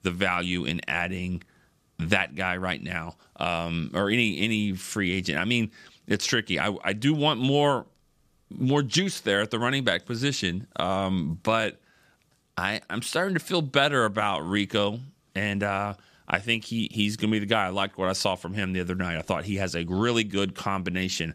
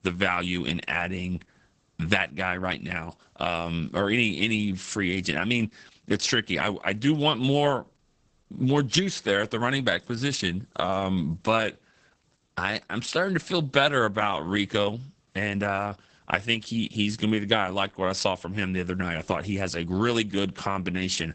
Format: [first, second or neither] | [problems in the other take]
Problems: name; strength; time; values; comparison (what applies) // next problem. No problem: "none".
first | garbled, watery; badly; nothing above 8 kHz